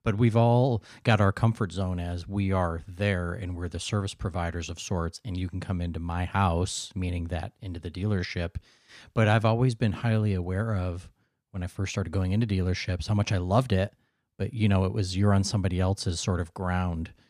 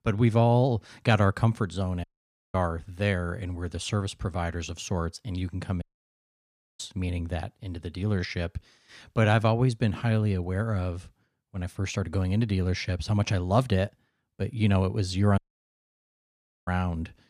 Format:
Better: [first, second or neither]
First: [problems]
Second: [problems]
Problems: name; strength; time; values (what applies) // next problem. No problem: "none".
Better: first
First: none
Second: audio cutting out; at 2 s for 0.5 s, at 6 s for 1 s and at 15 s for 1.5 s